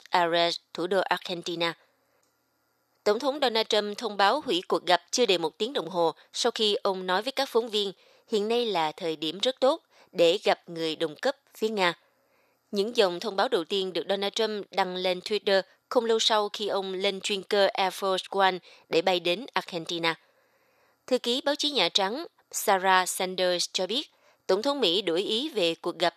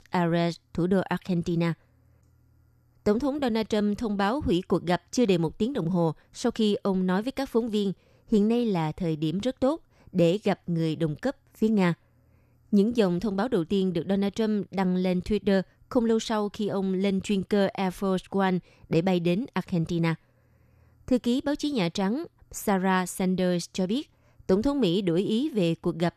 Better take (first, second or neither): second